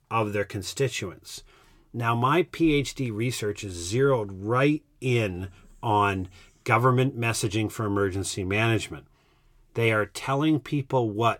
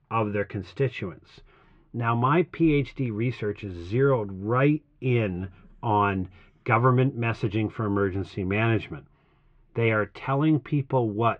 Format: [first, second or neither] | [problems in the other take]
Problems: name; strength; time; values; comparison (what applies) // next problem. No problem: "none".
first | muffled; very; fading above 2.5 kHz